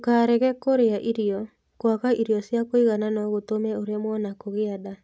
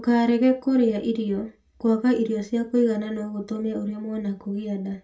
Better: first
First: none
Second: room echo; dies away in 0.2 s

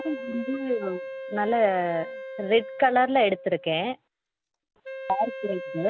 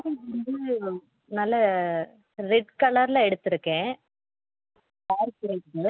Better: second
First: background sound (Wind instrument, woodwind instrument); 12 dB below the speech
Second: none

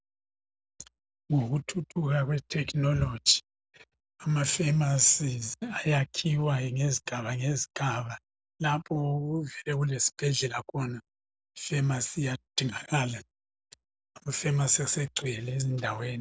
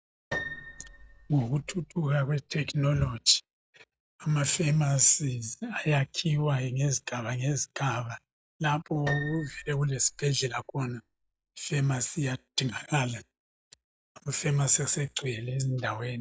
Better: first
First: none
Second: noise reduction (classical method log-MMSE)

